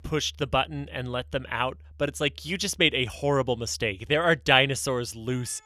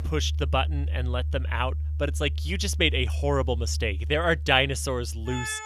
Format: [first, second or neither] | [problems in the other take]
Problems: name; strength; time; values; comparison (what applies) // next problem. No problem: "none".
first | background music; loud; throughout; 3 dB below the speech; faint in the first